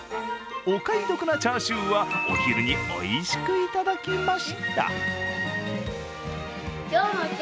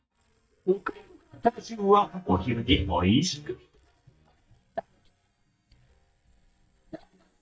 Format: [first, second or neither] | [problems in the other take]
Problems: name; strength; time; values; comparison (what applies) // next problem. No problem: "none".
first | noise reduction (neural mask model DeepFilterNet 3)